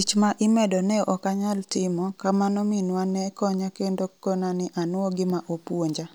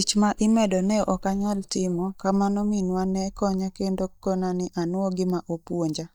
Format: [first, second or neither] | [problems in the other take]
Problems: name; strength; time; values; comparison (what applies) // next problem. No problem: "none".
first | noise reduction (neural mask model DeepFilterNet 3)